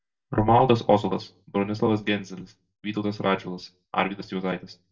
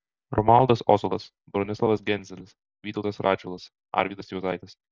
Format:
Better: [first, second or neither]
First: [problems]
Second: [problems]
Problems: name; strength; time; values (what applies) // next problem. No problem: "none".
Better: second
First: room echo; dies away in 0.2 s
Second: none